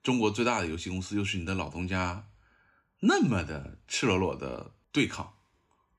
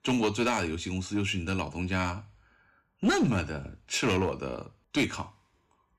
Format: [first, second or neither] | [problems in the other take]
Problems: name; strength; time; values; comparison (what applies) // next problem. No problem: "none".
first | distortion; slight; 3% of the sound clipped